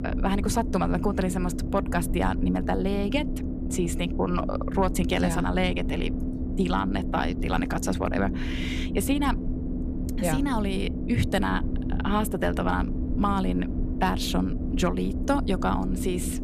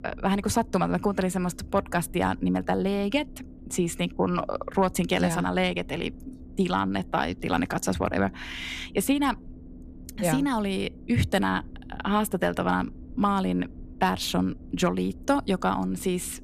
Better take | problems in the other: second | low rumble; loud; throughout; 9 dB below the speech; faint in the second

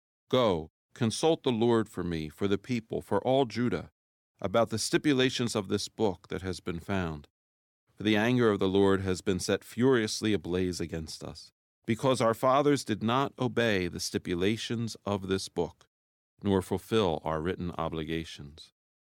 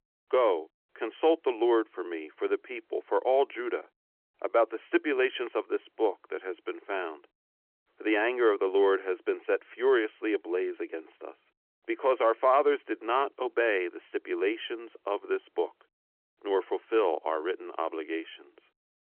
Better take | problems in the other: first | phone-call audio

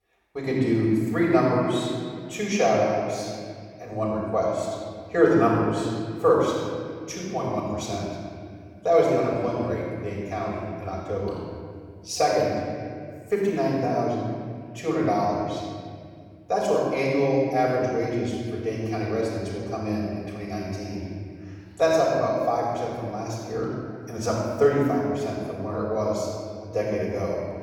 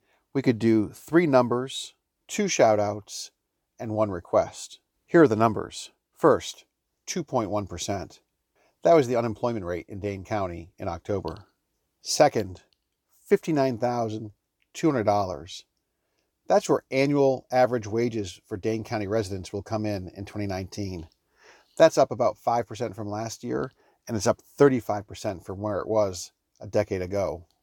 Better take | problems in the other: second | off-mic speech; far // room echo; strong; dies away in 2.2 s

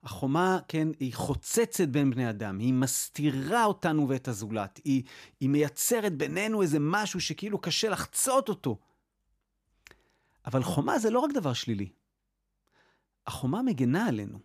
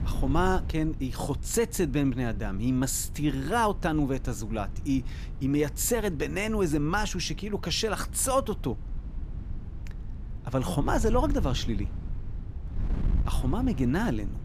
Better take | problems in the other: first | wind noise on the microphone; occasional gusts; 20 dB below the speech

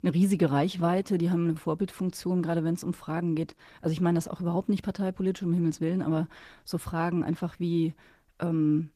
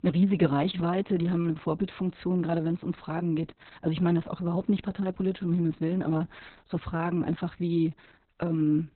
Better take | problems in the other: first | garbled, watery; badly; nothing above 4 kHz; slightly in the first

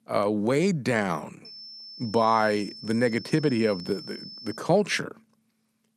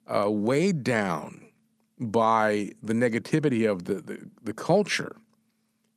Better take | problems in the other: second | high-pitched whine; noticeable; from 1.5 to 4.5 s; 5.5 kHz, 15 dB below the speech

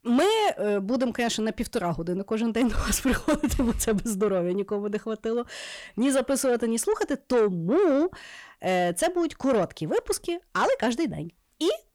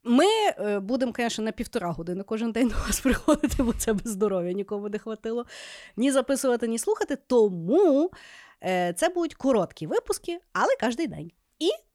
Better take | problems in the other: second | distortion; slight; 10 dB below the speech

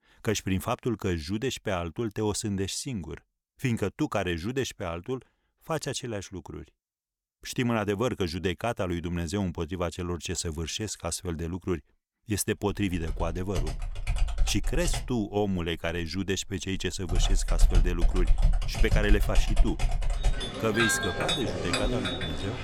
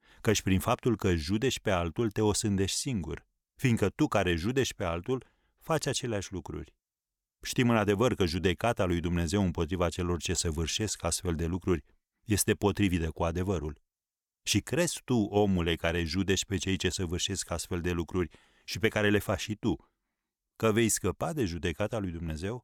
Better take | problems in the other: second | household noises; very loud; from 13 s on; 1 dB above the speech

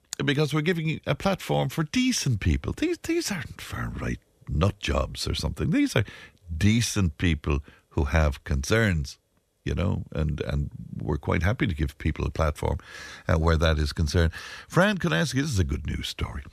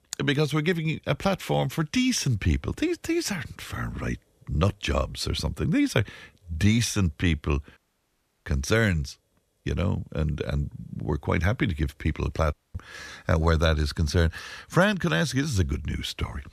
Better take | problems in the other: first | audio cutting out; at 8 s for 0.5 s and at 13 s

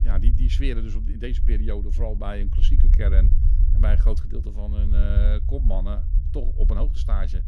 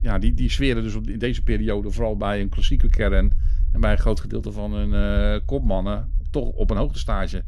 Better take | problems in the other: second | low rumble; loud; throughout; 7 dB below the speech; faint in the second

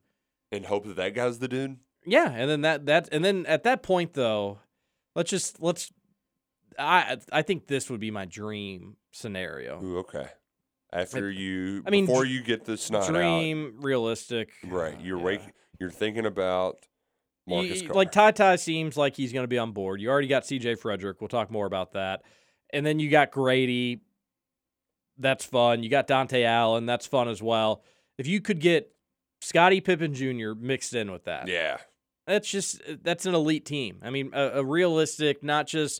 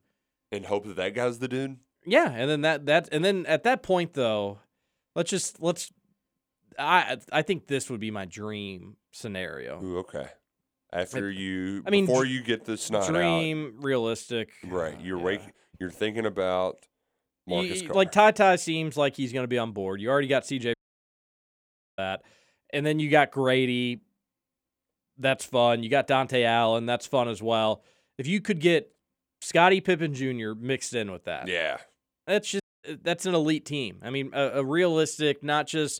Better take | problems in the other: first | audio cutting out; at 21 s for 1 s and at 33 s

